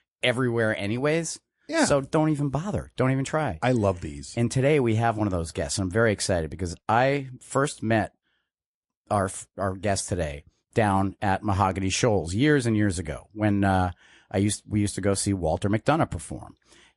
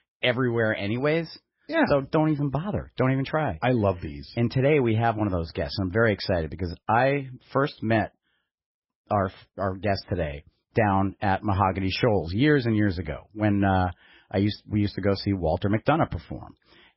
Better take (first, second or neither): first